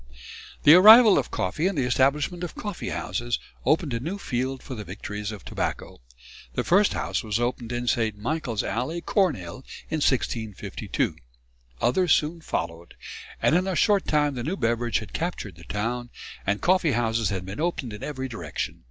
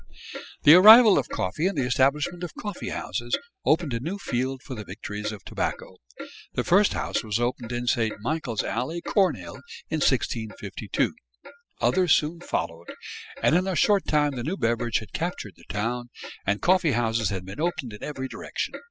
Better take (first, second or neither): first